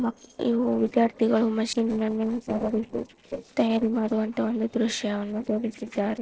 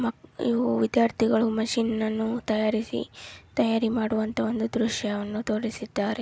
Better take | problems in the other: second | noise reduction (neural separator model SepFormer DNS4)

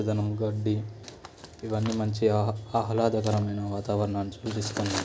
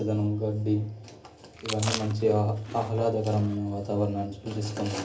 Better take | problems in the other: first | background sound (Chewing, mastication); 12 dB below the speech // room echo; dies away in 0.3 s

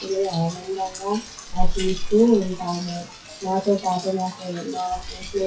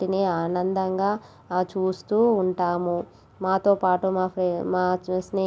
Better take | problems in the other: second | noise reduction (classical method WPE with log-MMSE)

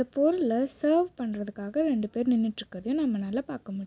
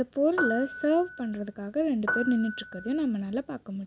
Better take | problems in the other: first | background sound (Piano); 7 dB below the speech

